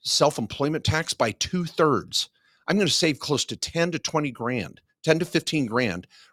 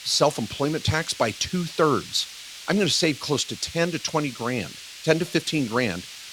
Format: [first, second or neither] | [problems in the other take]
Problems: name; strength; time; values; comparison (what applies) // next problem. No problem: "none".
first | hiss; noticeable; throughout; 15 dB below the speech